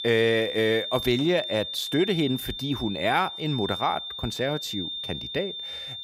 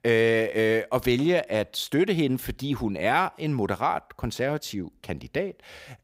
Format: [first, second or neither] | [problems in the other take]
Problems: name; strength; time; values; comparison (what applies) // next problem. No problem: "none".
second | high-pitched whine; loud; throughout; 3.5 kHz, 6 dB below the speech